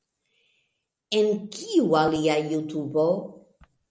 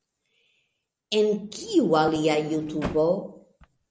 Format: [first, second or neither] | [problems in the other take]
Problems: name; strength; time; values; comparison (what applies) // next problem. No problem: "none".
first | background sound (Sliding door); 13 dB below the speech